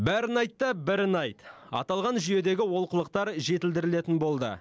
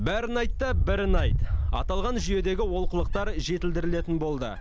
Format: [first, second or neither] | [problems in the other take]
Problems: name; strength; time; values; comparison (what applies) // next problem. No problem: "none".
first | background sound (Wind); 2 dB above the speech